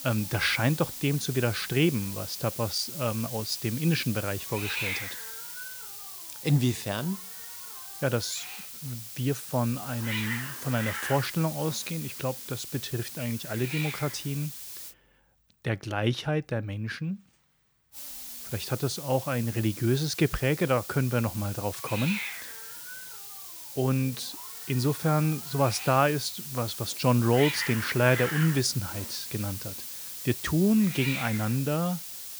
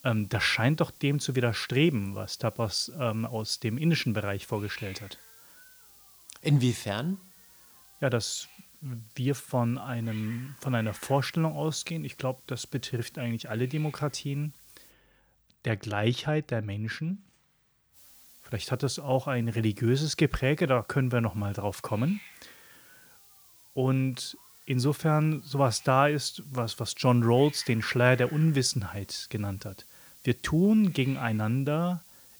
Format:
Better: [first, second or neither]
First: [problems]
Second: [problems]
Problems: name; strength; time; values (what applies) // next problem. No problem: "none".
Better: second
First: hiss; loud; until 15 s and from 18 s on; 7 dB below the speech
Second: hiss; faint; until 15 s and from 18 s on; 20 dB below the speech